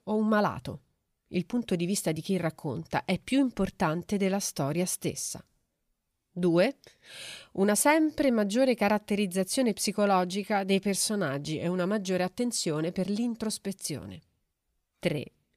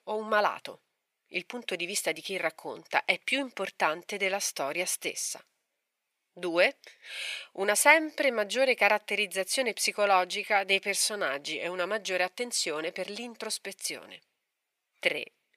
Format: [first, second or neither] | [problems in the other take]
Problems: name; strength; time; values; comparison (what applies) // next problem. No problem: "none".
first | thin; very; fading below 600 Hz